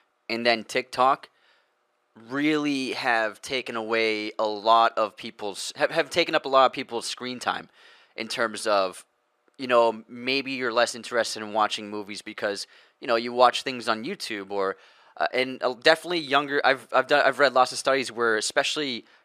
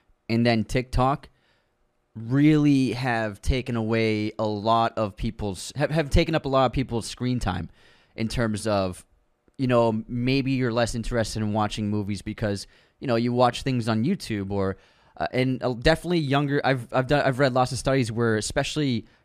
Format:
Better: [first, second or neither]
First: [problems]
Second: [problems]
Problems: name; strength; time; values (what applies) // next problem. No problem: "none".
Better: second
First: thin; somewhat; fading below 450 Hz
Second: none